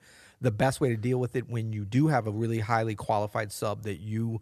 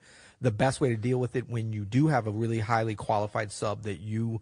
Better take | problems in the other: first | garbled, watery; slightly; nothing above 9 kHz

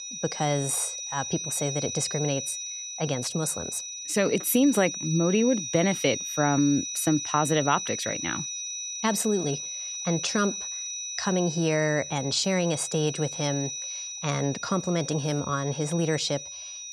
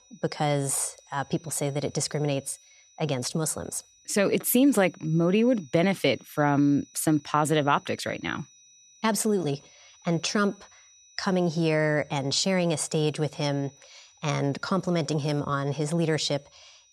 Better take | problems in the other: second | high-pitched whine; loud; throughout; 6 kHz, 6 dB below the speech; faint in the second

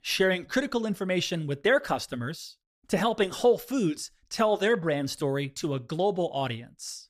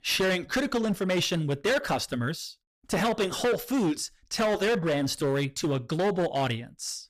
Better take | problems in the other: first | distortion; heavy; 15% of the sound clipped

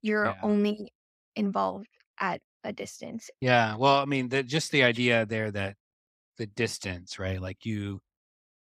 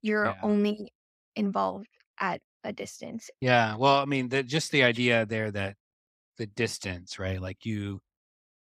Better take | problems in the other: neither | none

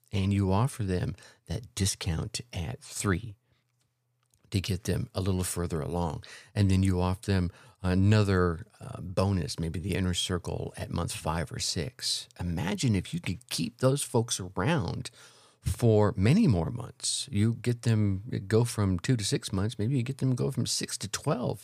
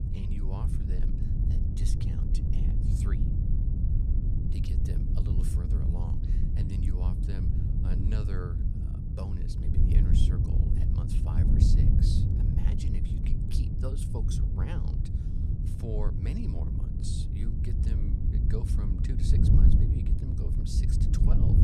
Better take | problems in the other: first | wind noise on the microphone; heavy; 3 dB above the speech

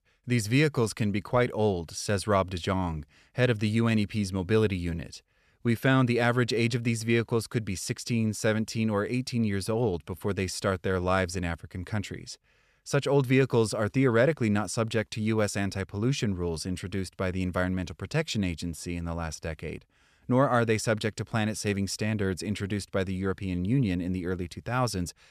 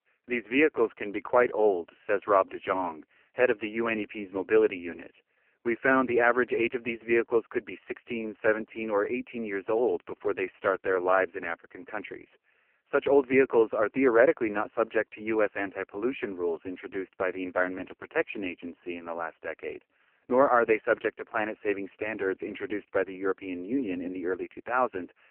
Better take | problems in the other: first | phone-call audio; poor line

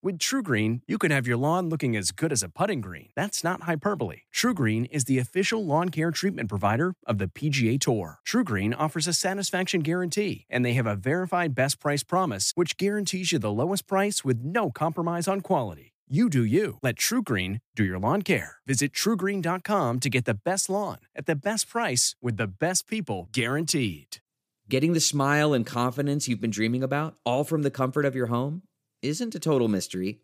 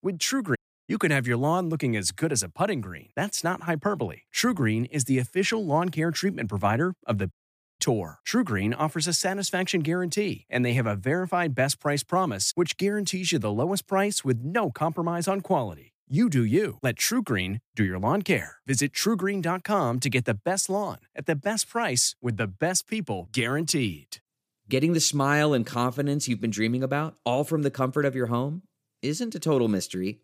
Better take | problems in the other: first | audio cutting out; at 0.5 s and at 7.5 s

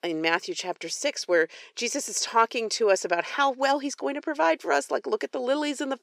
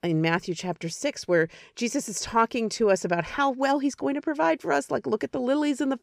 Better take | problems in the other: second | thin; somewhat; fading below 350 Hz

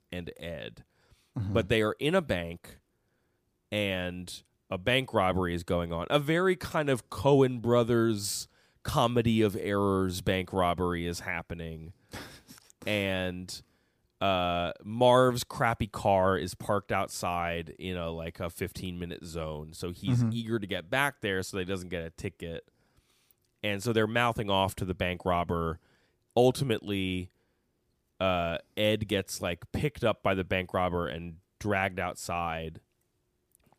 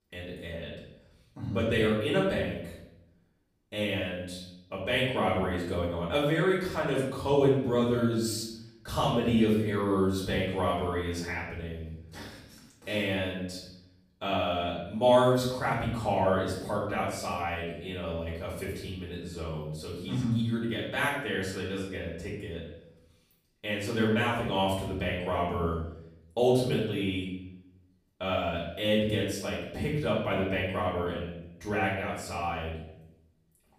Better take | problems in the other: first | off-mic speech; far // room echo; noticeable; dies away in 0.7 s

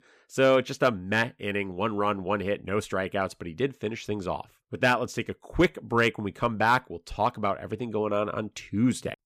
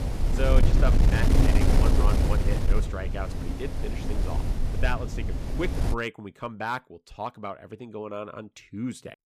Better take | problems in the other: first | wind noise on the microphone; heavy; until 6 s; 1 dB below the speech

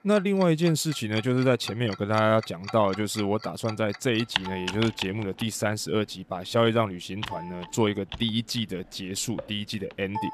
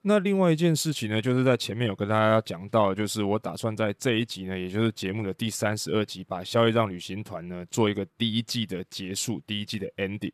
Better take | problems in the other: second | household noises; noticeable; throughout; 10 dB below the speech

